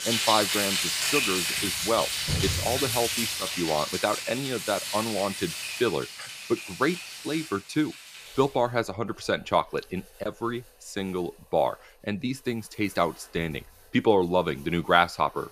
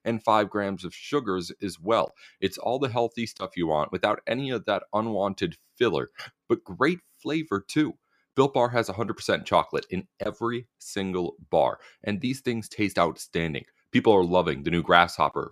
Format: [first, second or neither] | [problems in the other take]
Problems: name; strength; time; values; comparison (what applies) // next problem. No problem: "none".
second | household noises; very loud; throughout; as loud as the speech